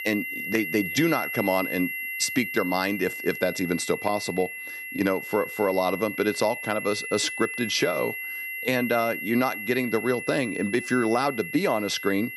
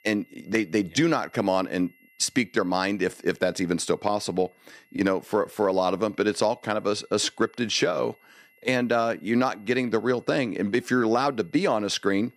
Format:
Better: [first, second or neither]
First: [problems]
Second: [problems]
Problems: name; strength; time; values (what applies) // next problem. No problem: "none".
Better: second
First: high-pitched whine; loud; throughout; 2 kHz, 6 dB below the speech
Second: high-pitched whine; faint; throughout; 2 kHz, 35 dB below the speech